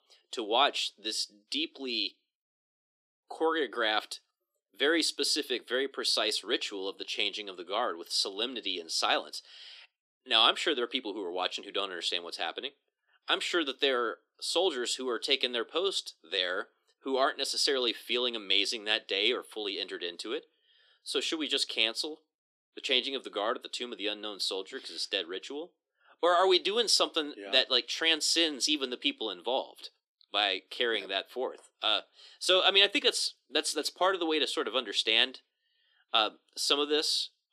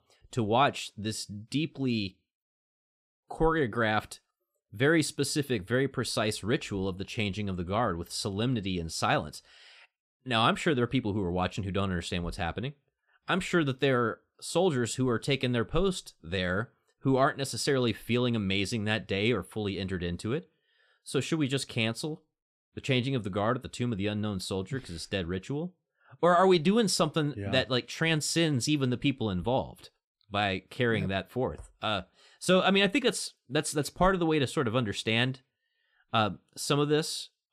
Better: second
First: thin; somewhat; fading below 300 Hz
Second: none

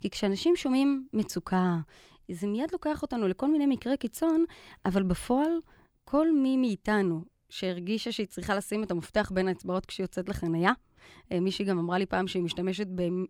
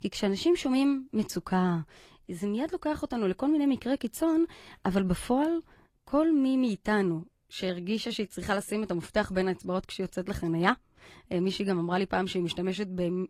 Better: first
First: none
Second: garbled, watery; slightly; nothing above 13 kHz

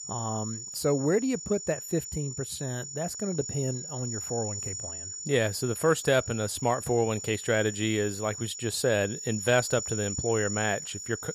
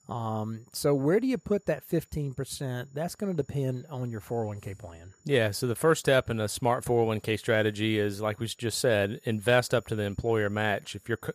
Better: second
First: high-pitched whine; loud; throughout; 7 kHz, 6 dB below the speech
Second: high-pitched whine; faint; throughout; 7 kHz, 35 dB below the speech

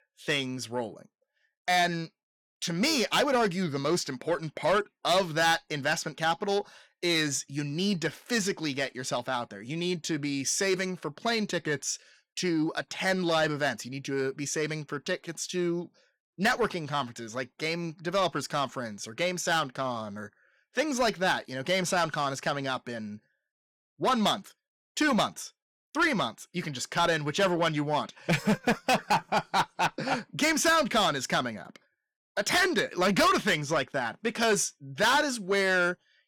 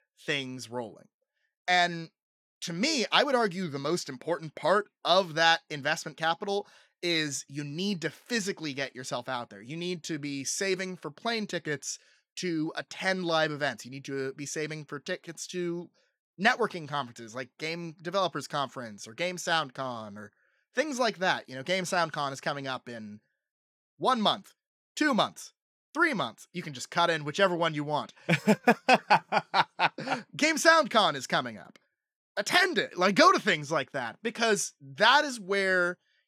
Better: second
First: distortion; heavy; 8 dB below the speech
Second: none

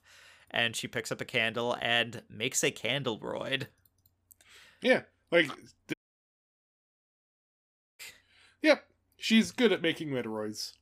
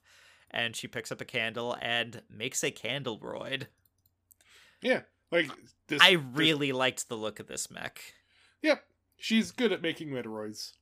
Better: second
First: audio cutting out; at 6 s for 2 s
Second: none

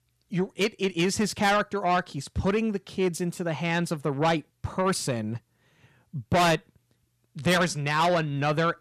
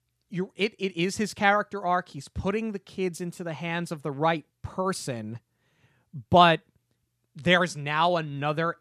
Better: second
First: distortion; heavy; 6 dB below the speech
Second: none

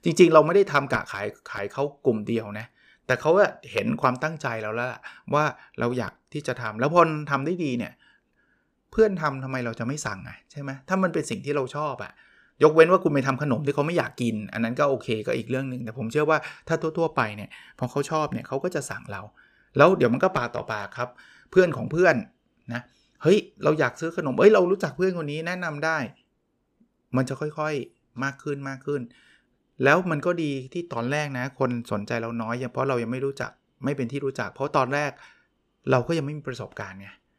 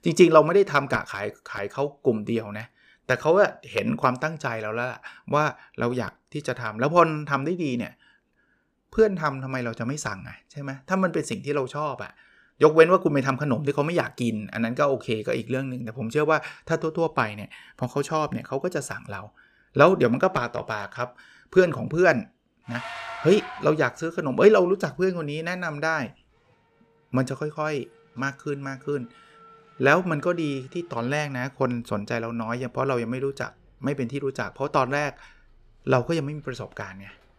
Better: first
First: none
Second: traffic noise; noticeable; from 23 s on; 20 dB below the speech

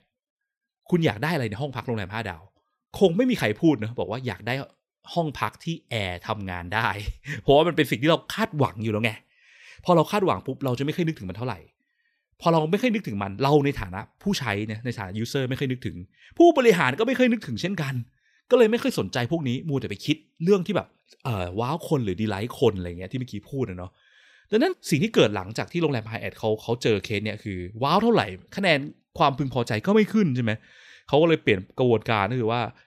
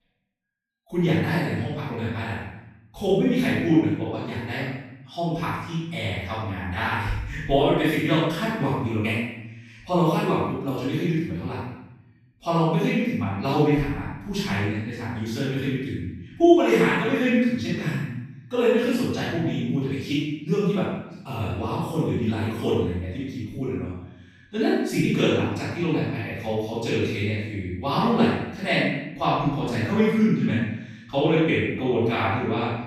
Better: first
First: none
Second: off-mic speech; far // room echo; strong; dies away in 0.8 s

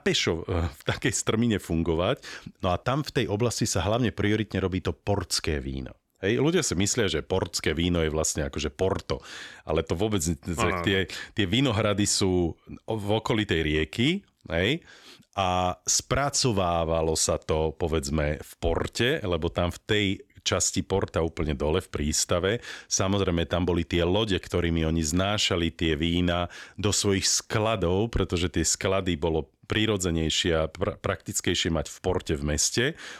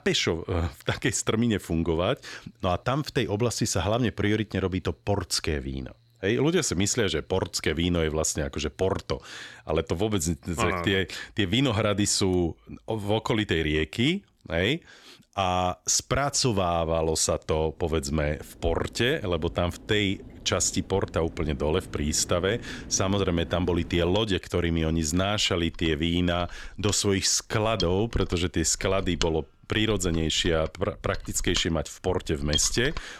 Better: first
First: none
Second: machinery noise; noticeable; throughout; 15 dB below the speech

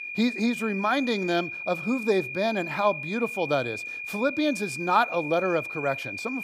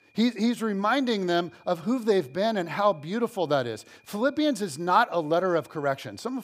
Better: second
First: high-pitched whine; loud; throughout; 2.5 kHz, 6 dB below the speech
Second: high-pitched whine; faint; throughout; 2.5 kHz, 35 dB below the speech

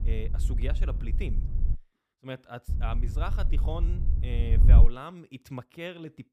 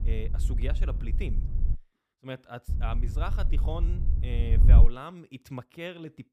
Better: neither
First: wind noise on the microphone; heavy; until 2 s and from 2.5 to 5 s; 5 dB below the speech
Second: wind noise on the microphone; heavy; until 2 s and from 2.5 to 5 s; 5 dB below the speech

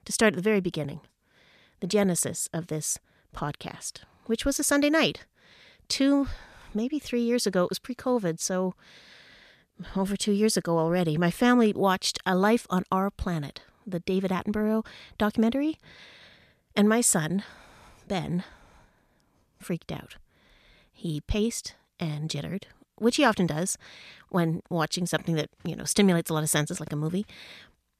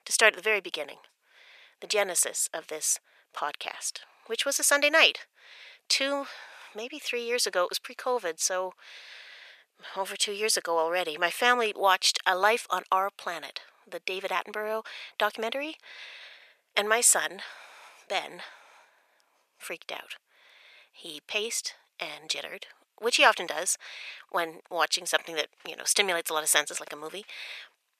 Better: first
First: none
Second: thin; very; fading below 550 Hz

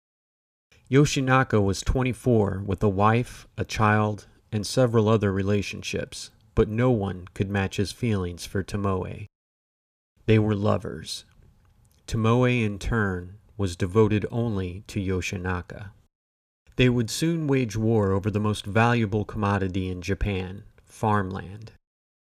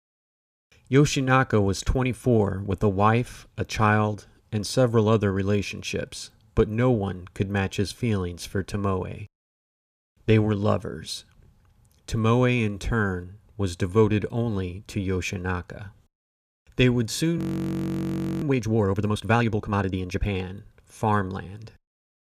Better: first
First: none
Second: audio freezing; at 17 s for 1 s

